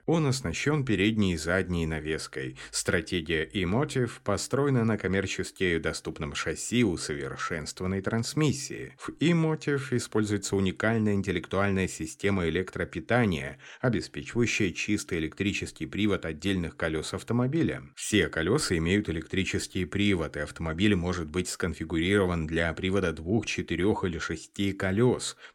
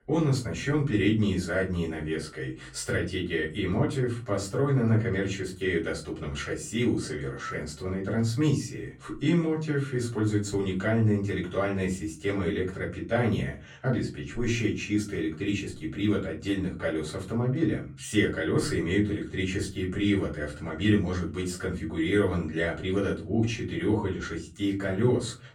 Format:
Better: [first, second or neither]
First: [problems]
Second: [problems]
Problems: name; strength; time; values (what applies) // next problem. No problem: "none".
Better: first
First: none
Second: off-mic speech; far // room echo; slight; dies away in 0.4 s